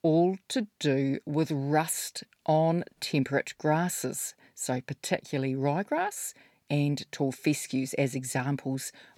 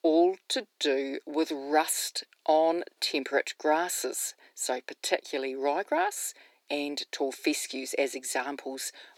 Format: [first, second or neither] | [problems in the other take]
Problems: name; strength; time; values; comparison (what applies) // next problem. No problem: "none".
first | thin; somewhat; fading below 350 Hz